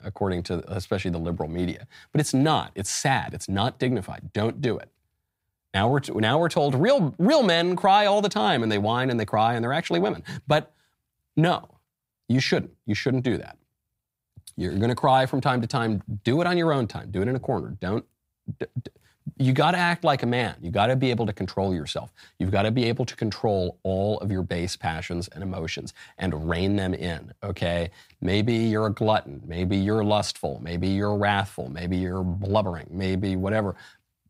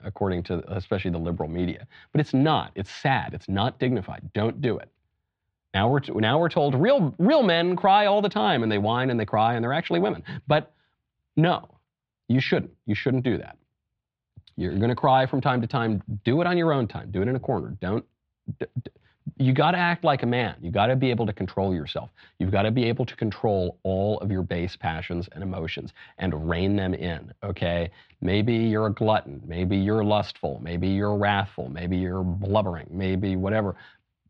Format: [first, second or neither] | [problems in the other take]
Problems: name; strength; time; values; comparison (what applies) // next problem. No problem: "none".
first | muffled; slightly; fading above 3.5 kHz